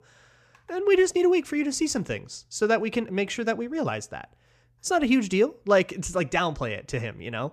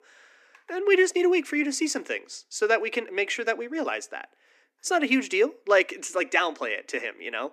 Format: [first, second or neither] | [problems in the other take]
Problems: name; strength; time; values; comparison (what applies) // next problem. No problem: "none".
first | thin; very slightly; fading below 250 Hz